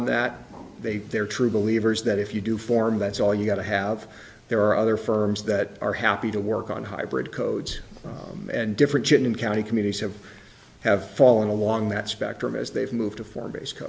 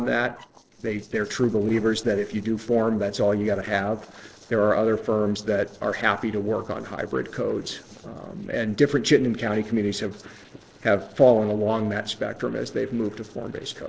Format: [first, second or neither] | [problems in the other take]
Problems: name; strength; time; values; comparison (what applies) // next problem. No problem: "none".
first | noise reduction (neural separator model SepFormer DNS4)